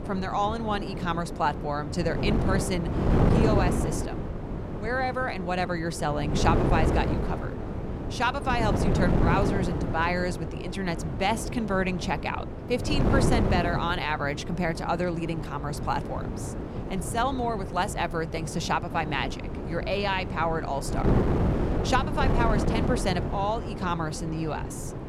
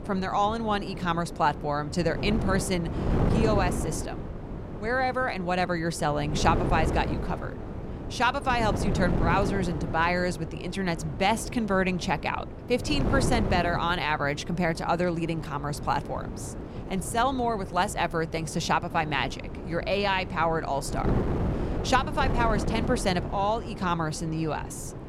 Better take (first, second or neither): second